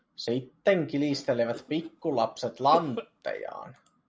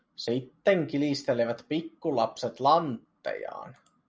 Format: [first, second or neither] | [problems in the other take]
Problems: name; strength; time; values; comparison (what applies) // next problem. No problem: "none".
second | background sound (Cough); 13 dB below the speech